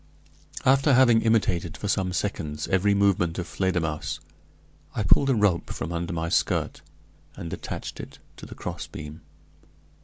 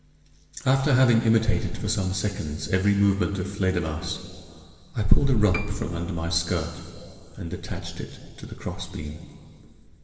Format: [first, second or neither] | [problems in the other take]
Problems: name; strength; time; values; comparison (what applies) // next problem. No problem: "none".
first | background sound (Piano); 17 dB below the speech // room echo; dies away in 2.5 s